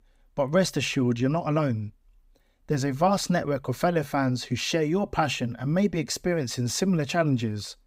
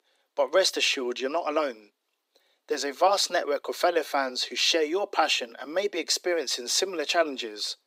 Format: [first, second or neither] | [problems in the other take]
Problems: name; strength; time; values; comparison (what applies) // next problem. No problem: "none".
first | thin; very; fading below 350 Hz